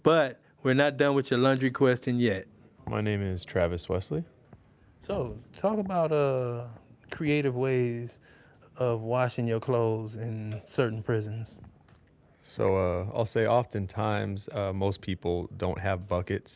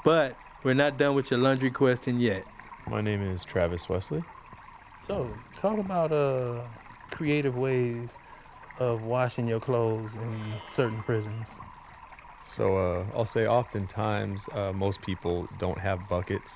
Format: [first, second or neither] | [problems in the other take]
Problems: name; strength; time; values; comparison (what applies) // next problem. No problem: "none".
first | background sound (Plucked string instrument + Stream); 20 dB below the speech